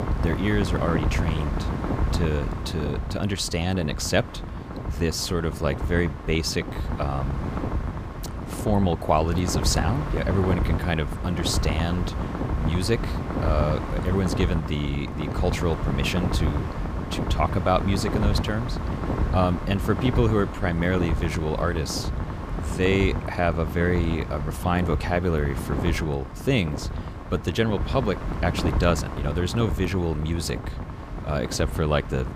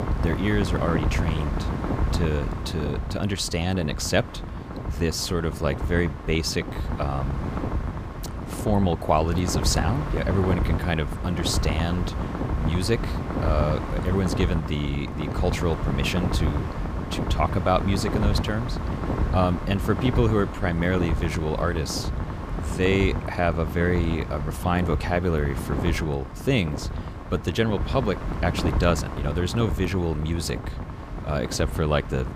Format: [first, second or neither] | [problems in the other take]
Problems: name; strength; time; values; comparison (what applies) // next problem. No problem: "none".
neither | wind noise on the microphone; heavy; 7 dB below the speech; the same in both